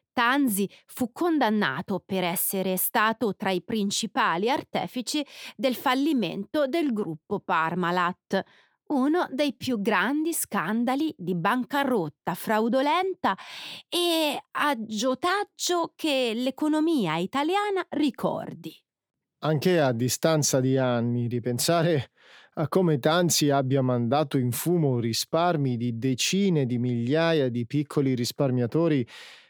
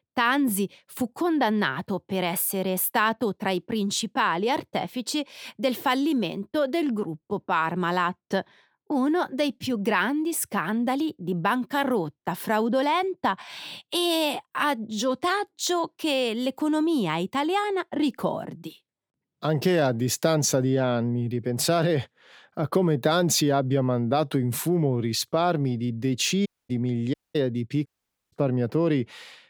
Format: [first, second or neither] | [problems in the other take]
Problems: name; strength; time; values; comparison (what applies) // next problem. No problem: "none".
first | audio cutting out; at 26 s, at 27 s and at 28 s